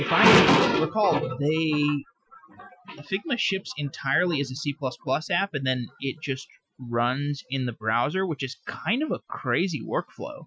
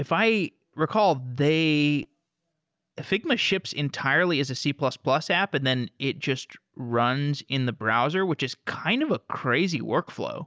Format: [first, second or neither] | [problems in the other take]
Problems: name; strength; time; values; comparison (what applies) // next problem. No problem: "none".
second | noise reduction (classical method Wiener filter)